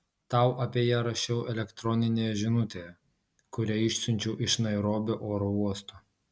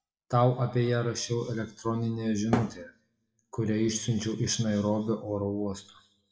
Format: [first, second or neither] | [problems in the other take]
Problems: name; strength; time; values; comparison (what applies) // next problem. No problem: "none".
first | noise reduction (classical method WPE with log-MMSE)